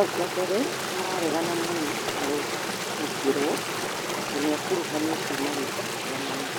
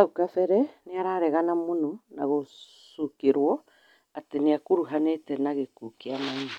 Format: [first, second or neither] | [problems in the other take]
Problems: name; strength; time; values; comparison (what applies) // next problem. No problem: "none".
second | background sound (Stream); as loud as the speech